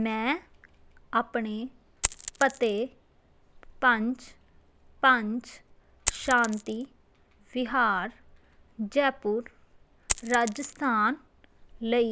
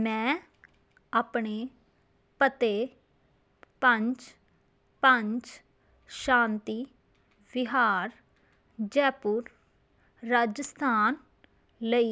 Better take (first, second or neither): second